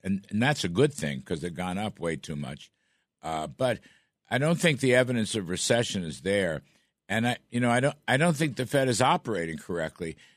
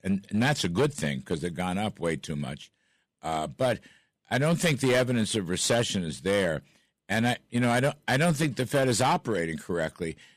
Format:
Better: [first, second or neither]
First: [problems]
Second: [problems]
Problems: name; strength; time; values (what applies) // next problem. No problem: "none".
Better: first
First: none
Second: distortion; slight; 7% of the sound clipped